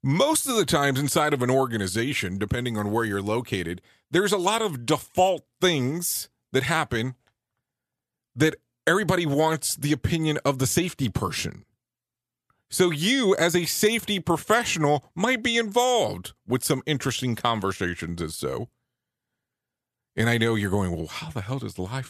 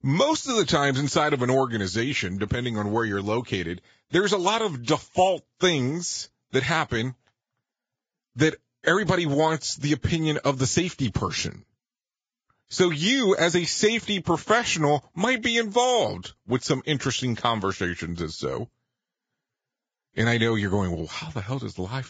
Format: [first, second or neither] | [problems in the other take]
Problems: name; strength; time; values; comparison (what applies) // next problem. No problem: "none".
first | garbled, watery; badly; nothing above 7.5 kHz